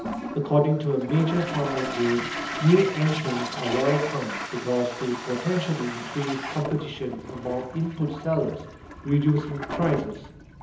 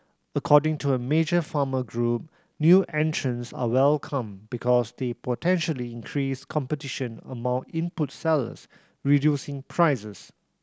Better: second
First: background sound (Toilet flush); 9 dB below the speech // room echo; dies away in 1.2 s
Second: none

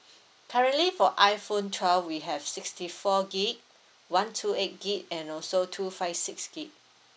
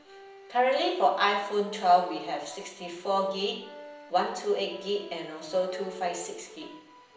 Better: first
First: none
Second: background sound (Accordion); 18 dB below the speech // room echo; dies away in 0.8 s

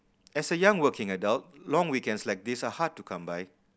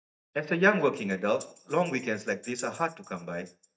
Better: first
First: none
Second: noise reduction (neural mask model DeepFilterNet 3)

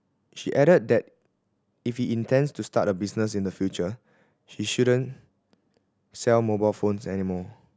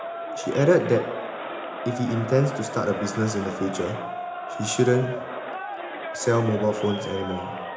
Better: first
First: none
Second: background sound (Crowd); 8 dB below the speech // room echo; dies away in 0.8 s

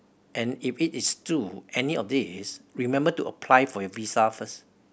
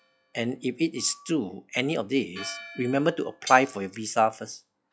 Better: first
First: none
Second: noise reduction (classical method log-MMSE)

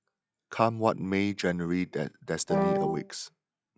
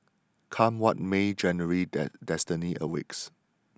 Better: second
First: noise reduction (classical method log-MMSE)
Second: none

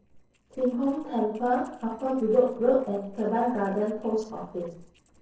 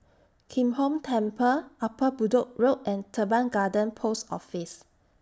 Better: second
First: noise reduction (neural separator model SepFormer DNS4)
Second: none

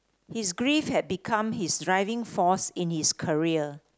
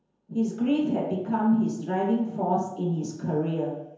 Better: first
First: none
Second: room echo; dies away in 0.9 s

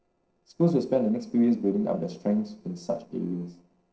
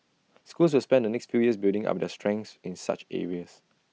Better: second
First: noise reduction (neural separator model SepFormer DNS4)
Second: none

